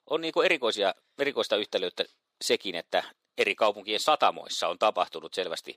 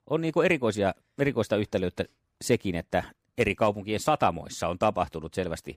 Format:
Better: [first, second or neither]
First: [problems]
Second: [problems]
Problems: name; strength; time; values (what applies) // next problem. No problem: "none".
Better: second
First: thin; somewhat; fading below 450 Hz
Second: none